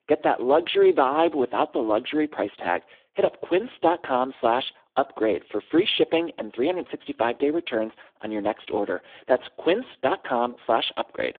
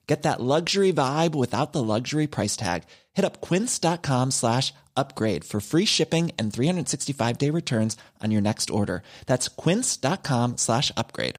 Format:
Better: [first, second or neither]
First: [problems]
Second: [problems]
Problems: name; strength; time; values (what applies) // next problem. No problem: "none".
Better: second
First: phone-call audio; poor line; nothing above 3.5 kHz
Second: none